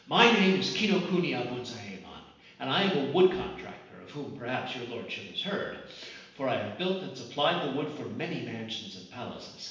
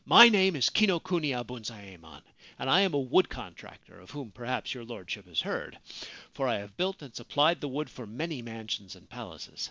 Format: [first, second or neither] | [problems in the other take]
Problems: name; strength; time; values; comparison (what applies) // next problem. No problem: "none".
second | room echo; dies away in 0.9 s